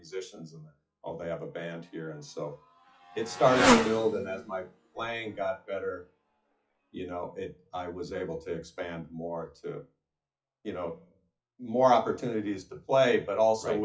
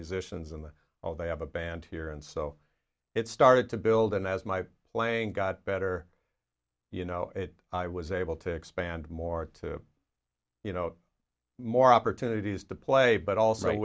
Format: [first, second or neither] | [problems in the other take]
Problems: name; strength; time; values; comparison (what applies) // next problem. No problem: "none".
second | noise reduction (classical method WPE with log-MMSE)